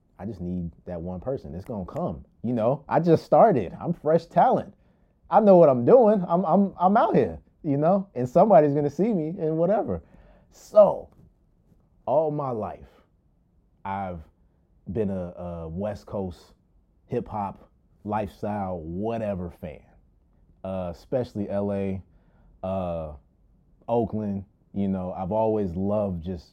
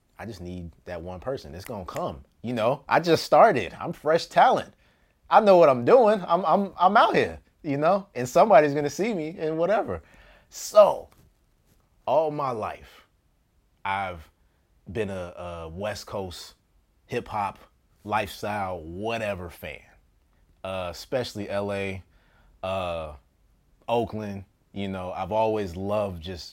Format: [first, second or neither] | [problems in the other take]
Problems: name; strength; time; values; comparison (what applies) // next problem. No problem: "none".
second | muffled; slightly; fading above 1 kHz